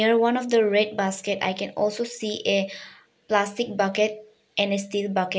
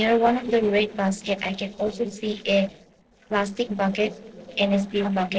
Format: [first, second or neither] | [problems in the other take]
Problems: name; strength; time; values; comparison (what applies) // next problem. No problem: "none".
first | noise reduction (neural separator model SepFormer DNS4)